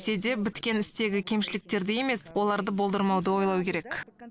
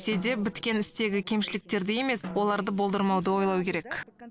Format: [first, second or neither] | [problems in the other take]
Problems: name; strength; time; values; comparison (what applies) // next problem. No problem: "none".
first | background sound (Drum); 18 dB below the speech